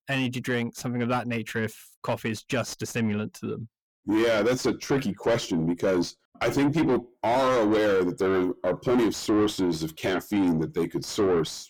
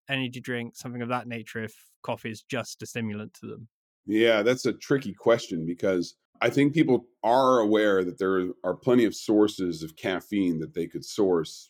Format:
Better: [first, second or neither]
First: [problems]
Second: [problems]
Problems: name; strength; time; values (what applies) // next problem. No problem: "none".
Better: second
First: distortion; heavy; 6 dB below the speech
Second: none